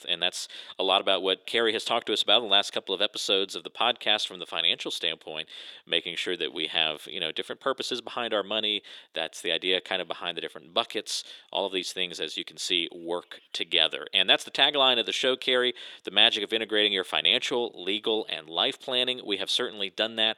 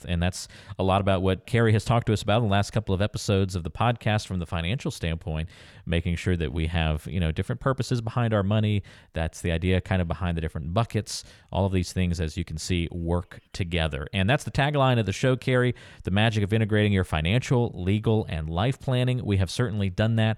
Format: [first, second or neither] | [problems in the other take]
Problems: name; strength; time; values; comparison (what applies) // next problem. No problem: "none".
second | thin; very; fading below 350 Hz